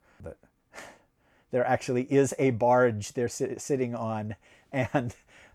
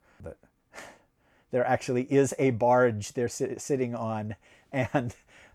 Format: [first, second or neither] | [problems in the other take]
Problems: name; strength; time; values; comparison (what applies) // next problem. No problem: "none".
neither | none